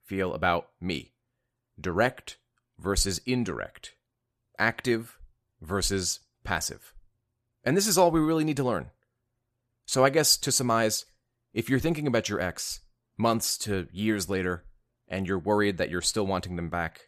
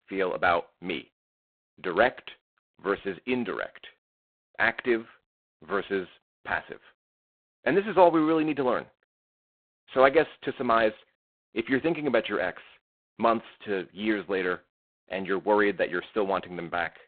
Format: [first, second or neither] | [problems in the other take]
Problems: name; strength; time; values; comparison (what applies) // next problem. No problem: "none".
first | phone-call audio; poor line; nothing above 4 kHz